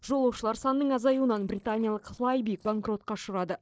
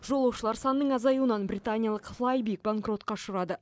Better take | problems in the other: second | noise reduction (neural separator model SepFormer DNS4)

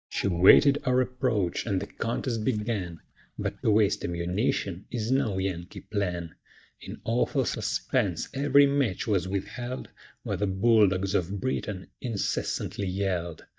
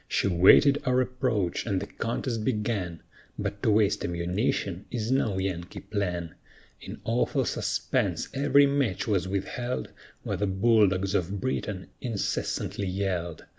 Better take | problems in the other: second | noise reduction (neural mask model DeepFilterNet 3)

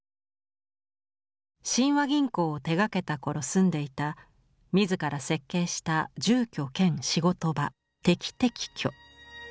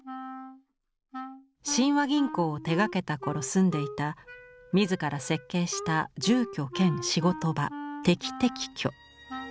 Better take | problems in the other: first | background sound (Wind instrument, woodwind instrument); 12 dB below the speech

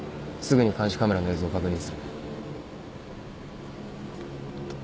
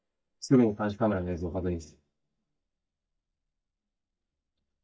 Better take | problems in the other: first | noise reduction (neural mask model DeepFilterNet 3)

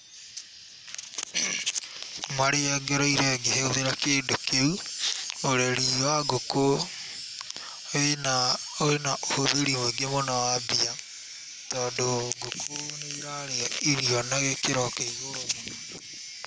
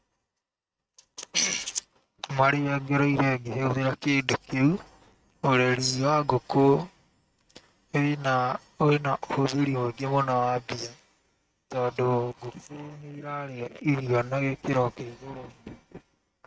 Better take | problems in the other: first | noise reduction (neural mask model RNNoise)

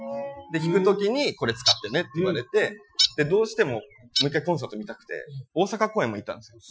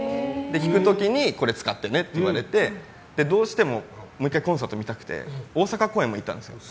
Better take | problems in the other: second | noise reduction (classical method Wiener filter)

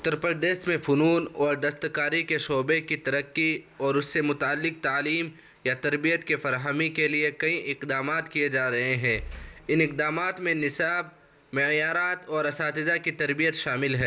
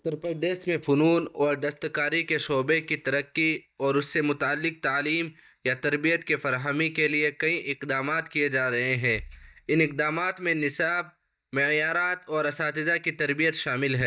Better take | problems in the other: first | noise reduction (neural mask model DeepFilterNet 3)

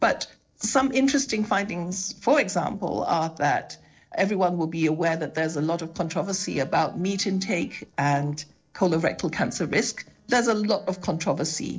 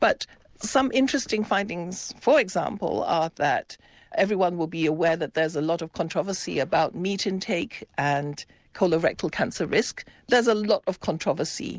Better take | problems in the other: second | noise reduction (neural separator model SepFormer DNS4)

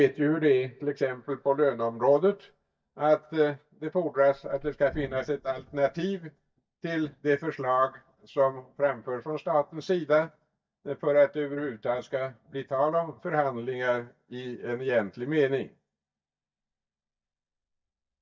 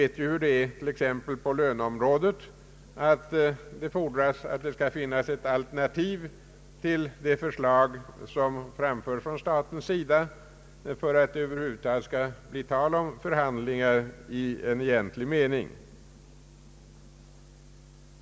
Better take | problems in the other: second | noise reduction (neural mask model DeepFilterNet 3)

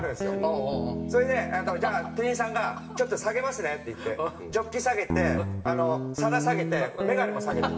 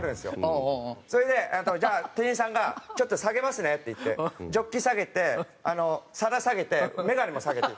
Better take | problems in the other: second | background sound (Guitar); 4 dB below the speech // room echo; dies away in 1.4 s

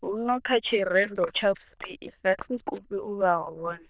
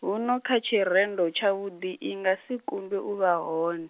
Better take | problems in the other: second | noise reduction (neural diffusion model UNIVERSE++)

